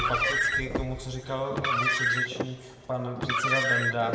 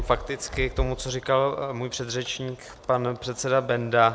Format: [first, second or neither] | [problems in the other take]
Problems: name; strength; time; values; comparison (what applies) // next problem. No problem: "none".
second | background sound (Car); 4 dB above the speech // room echo; dies away in 1.3 s